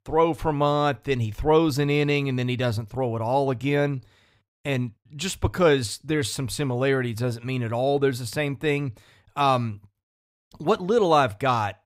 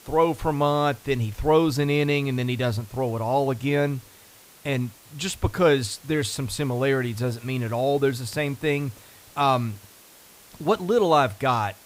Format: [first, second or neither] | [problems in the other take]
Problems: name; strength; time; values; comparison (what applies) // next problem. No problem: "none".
first | hiss; faint; throughout; 25 dB below the speech